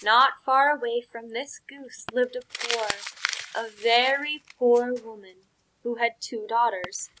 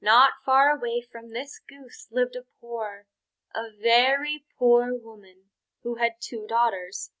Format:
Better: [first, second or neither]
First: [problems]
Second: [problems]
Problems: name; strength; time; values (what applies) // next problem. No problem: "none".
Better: second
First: background sound (Crumpling, crinkling); 13 dB below the speech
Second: none